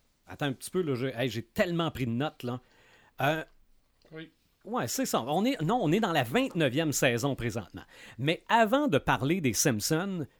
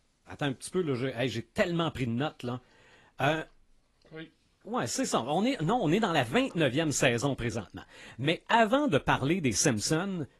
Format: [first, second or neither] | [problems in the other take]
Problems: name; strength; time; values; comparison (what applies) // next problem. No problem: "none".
first | garbled, watery; slightly; nothing above 11.5 kHz